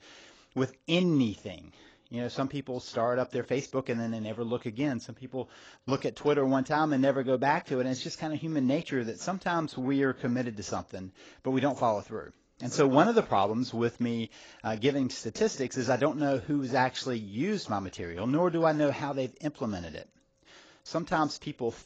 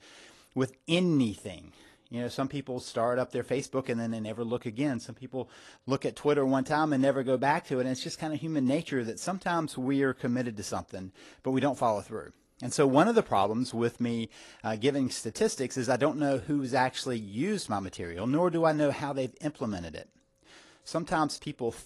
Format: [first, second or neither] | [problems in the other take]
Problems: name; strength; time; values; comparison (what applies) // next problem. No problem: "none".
second | garbled, watery; badly; nothing above 7.5 kHz; slightly in the second